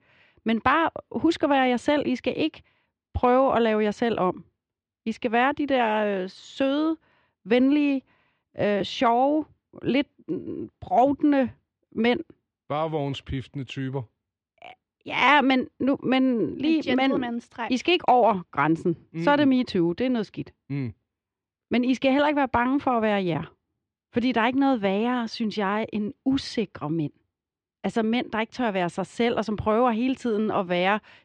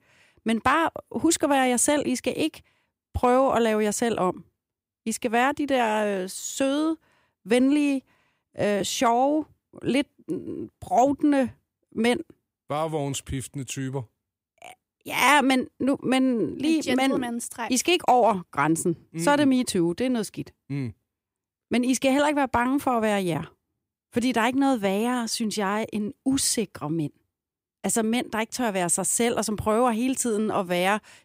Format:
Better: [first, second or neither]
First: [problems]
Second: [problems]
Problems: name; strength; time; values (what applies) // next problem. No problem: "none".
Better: second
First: muffled; slightly; fading above 4 kHz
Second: none